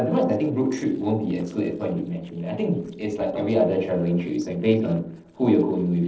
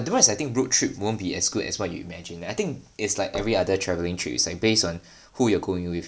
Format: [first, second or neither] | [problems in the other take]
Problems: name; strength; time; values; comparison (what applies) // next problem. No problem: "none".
second | noise reduction (neural separator model SepFormer DNS4)